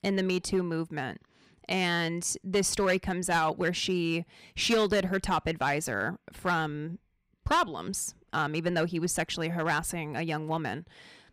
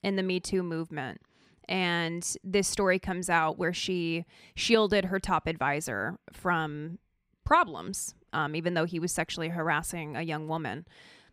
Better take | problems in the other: second | distortion; slight; 4% of the sound clipped

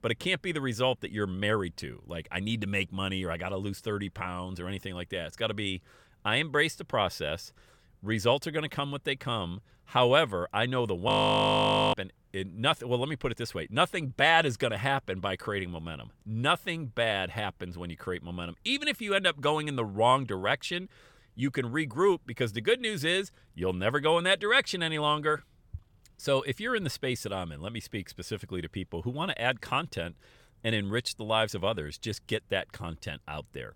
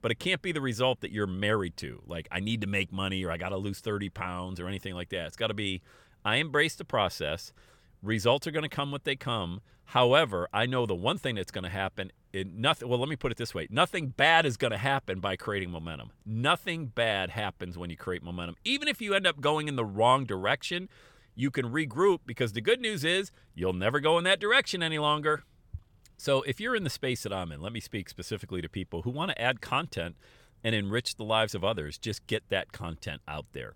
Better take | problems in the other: second | audio freezing; at 11 s for 1 s

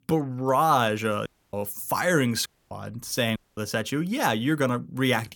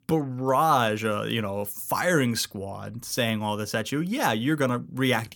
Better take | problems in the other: second | audio cutting out; at 1.5 s, at 2.5 s and at 3.5 s

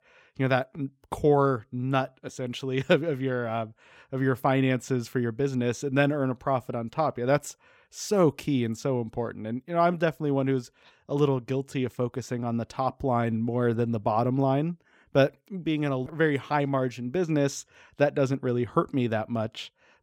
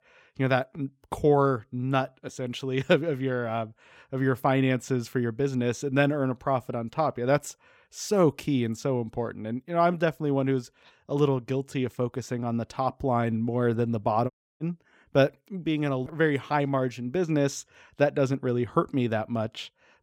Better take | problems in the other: first | audio cutting out; at 14 s

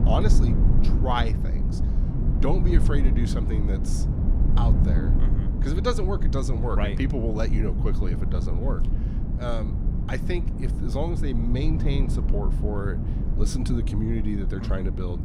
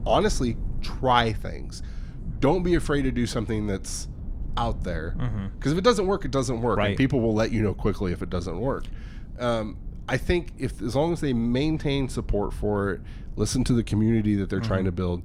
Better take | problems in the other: second | low rumble; loud; throughout; 5 dB below the speech; faint in the second

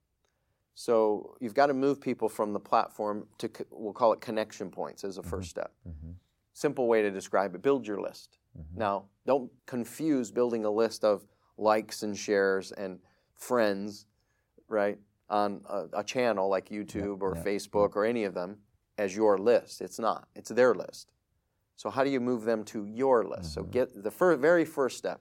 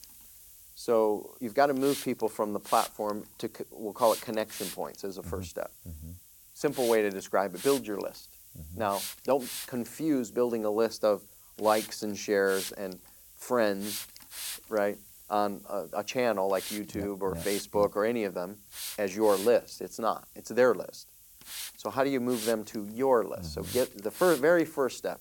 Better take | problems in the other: first | hiss; noticeable; throughout; 10 dB below the speech

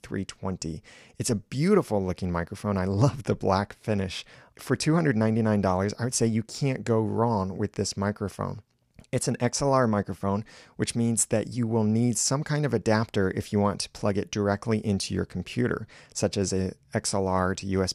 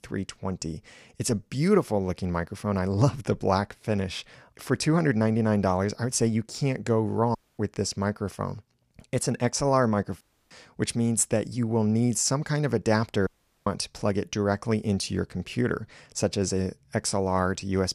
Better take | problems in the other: first | audio cutting out; at 7.5 s, at 10 s and at 13 s

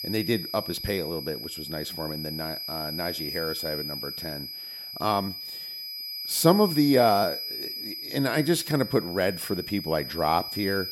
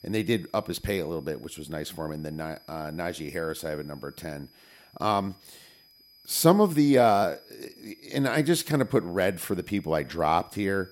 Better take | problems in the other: second | high-pitched whine; loud; throughout; 5 kHz, 6 dB below the speech; faint in the second

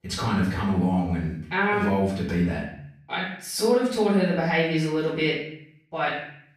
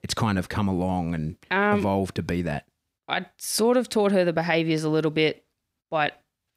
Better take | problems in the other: second | off-mic speech; far // room echo; noticeable; dies away in 0.6 s

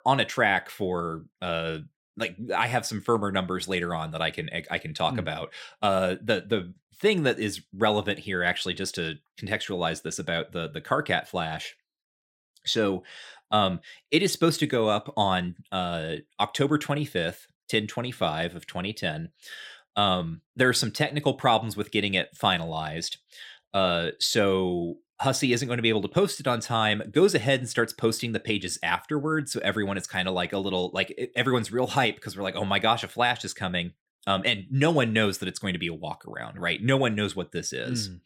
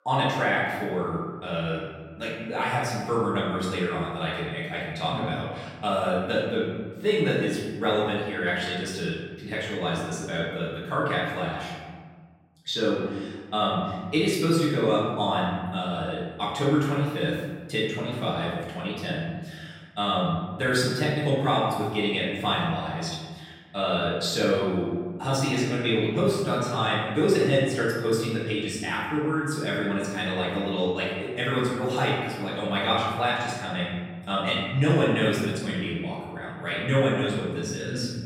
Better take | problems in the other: first | room echo; noticeable; dies away in 1.4 s // off-mic speech; far

